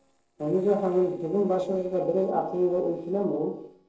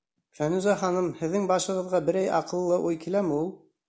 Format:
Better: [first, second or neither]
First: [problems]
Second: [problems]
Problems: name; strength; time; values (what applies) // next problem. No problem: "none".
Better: second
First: noise reduction (neural separator model SepFormer DNS4)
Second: none